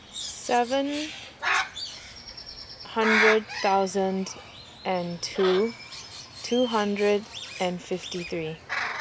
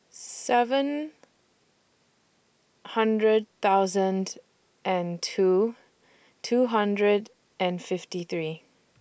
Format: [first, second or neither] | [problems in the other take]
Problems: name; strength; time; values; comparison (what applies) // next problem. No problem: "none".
second | background sound (Bird); 5 dB below the speech